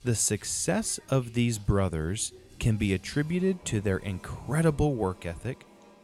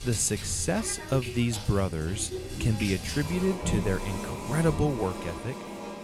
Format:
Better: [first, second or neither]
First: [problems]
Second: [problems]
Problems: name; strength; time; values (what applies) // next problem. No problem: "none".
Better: first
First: household noises; faint; throughout; 25 dB below the speech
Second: household noises; loud; throughout; 7 dB below the speech